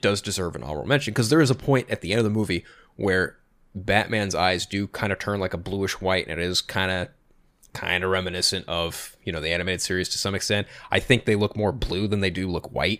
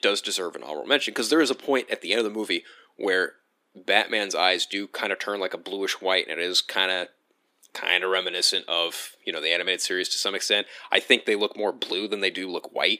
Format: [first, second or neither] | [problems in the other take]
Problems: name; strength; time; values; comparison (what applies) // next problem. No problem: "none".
first | thin; somewhat; fading below 250 Hz